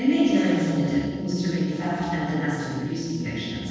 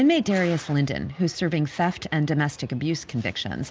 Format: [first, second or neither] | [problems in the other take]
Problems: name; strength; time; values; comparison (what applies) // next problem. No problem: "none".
second | noise reduction (neural separator model SepFormer DNS4)